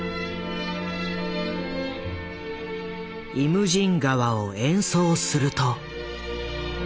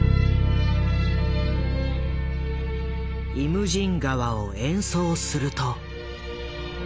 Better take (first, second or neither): first